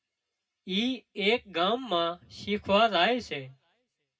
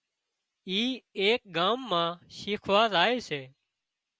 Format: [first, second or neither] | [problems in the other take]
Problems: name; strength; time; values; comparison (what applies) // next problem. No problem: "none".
second | room echo; dies away in 0.2 s